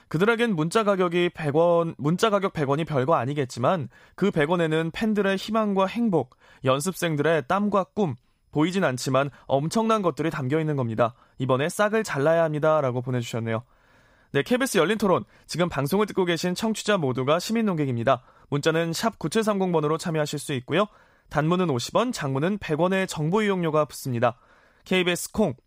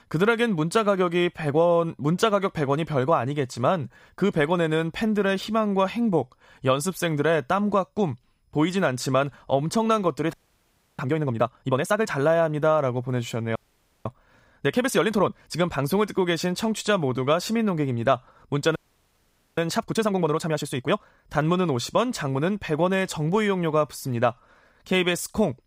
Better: first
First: none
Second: audio freezing; at 10 s for 0.5 s, at 14 s and at 19 s for 1 s

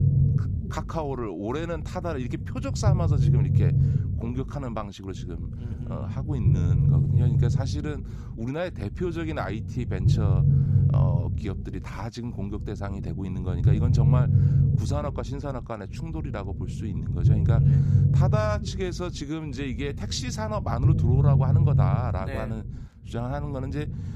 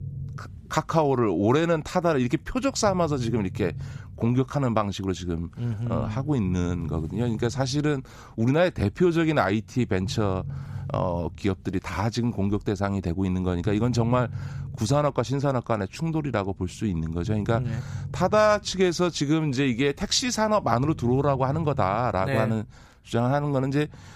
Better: second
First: low rumble; loud; throughout; 1 dB below the speech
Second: low rumble; faint; throughout; 25 dB below the speech

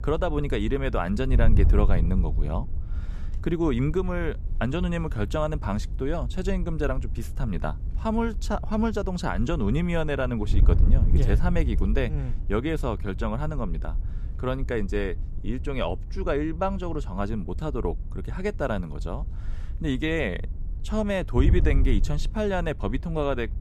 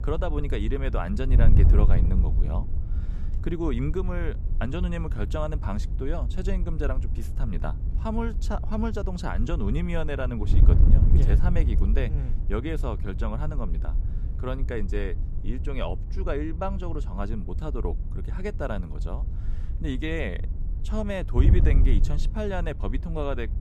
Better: first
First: wind noise on the microphone; occasional gusts; 15 dB below the speech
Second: wind noise on the microphone; heavy; 10 dB below the speech

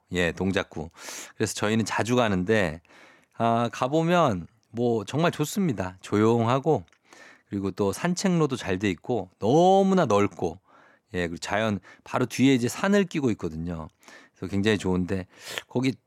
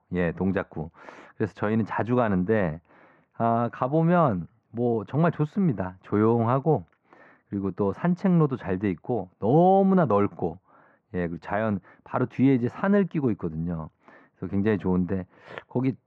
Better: first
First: none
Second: muffled; very; fading above 1.5 kHz

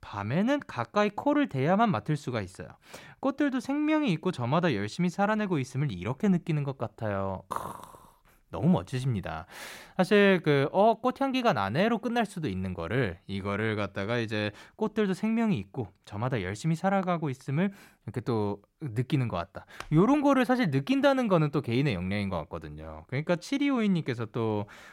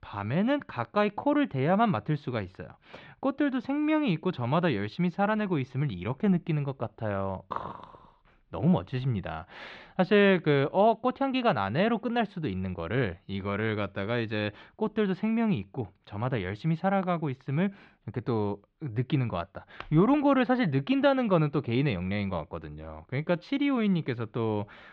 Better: first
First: none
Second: muffled; very slightly; fading above 3.5 kHz

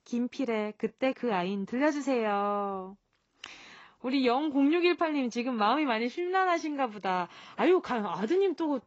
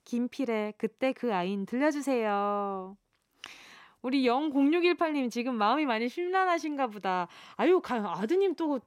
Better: second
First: garbled, watery; badly; nothing above 7.5 kHz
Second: none

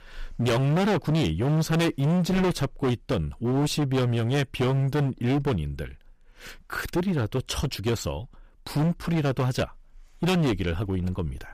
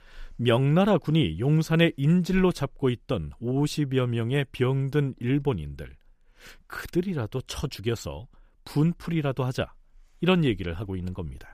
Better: second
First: distortion; heavy; 19% of the sound clipped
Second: none

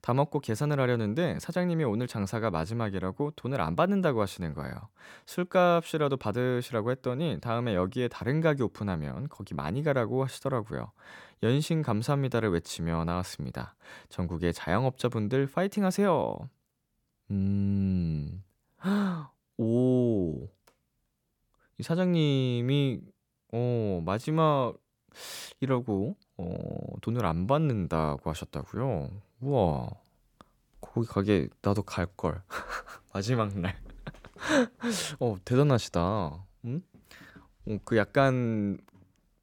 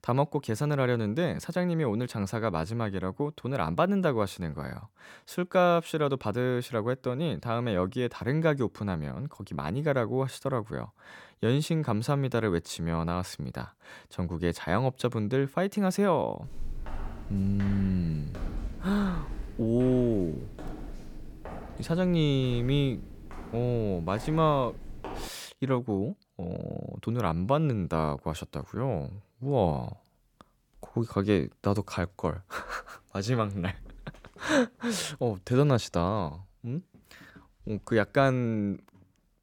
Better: first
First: none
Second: footsteps; noticeable; from 16 to 25 s; peak 9 dB below the speech

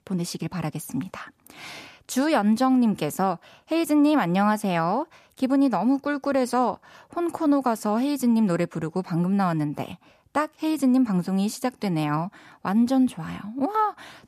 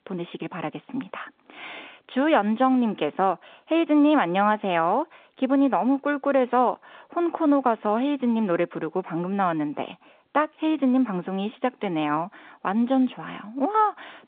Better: first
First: none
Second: phone-call audio

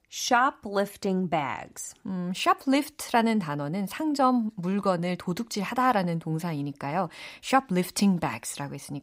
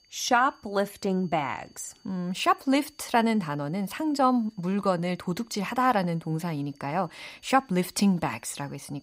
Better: first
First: none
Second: high-pitched whine; faint; throughout; 4.5 kHz, 35 dB below the speech

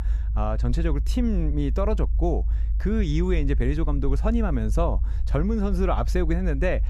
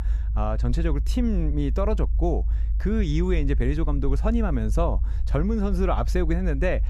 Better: neither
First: low rumble; noticeable; throughout; 20 dB below the speech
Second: low rumble; noticeable; throughout; 20 dB below the speech

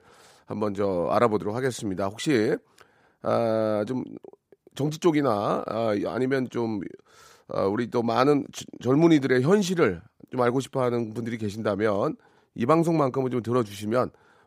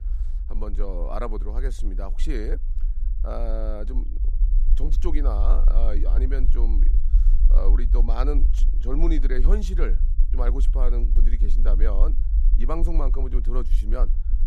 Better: first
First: none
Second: low rumble; noticeable; throughout; 15 dB below the speech

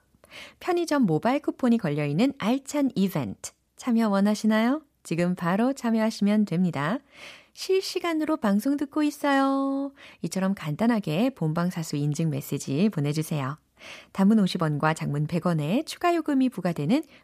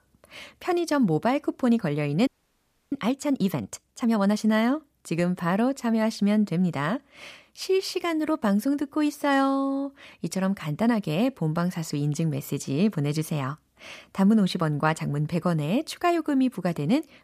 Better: first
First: none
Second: audio freezing; at 2.5 s for 0.5 s

